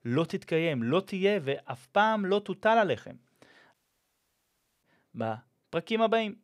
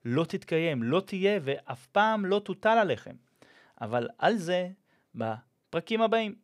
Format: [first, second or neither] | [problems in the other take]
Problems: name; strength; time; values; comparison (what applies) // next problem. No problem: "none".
second | audio cutting out; at 3.5 s for 1 s